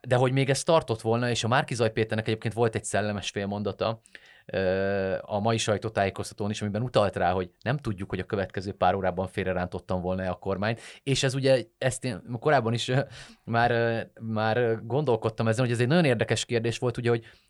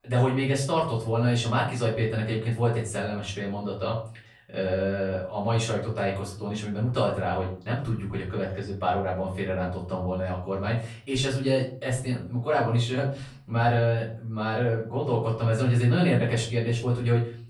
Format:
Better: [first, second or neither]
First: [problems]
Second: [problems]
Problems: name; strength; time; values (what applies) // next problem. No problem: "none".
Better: first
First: none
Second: off-mic speech; far // room echo; slight; dies away in 0.4 s